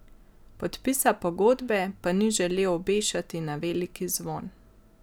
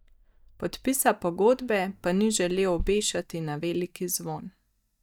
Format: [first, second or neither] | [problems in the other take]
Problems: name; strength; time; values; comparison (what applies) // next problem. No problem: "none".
first | noise reduction (neural mask model DeepFilterNet 3)